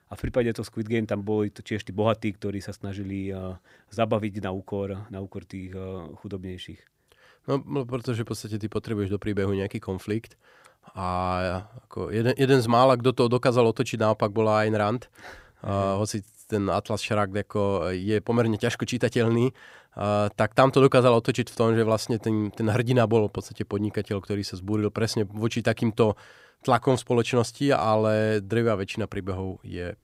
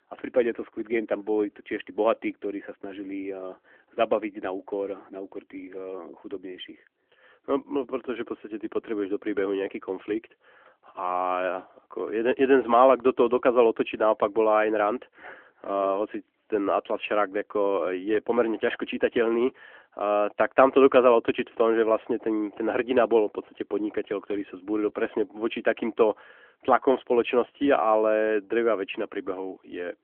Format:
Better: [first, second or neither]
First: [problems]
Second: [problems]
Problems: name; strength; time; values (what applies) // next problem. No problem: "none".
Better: first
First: none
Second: phone-call audio; nothing above 3 kHz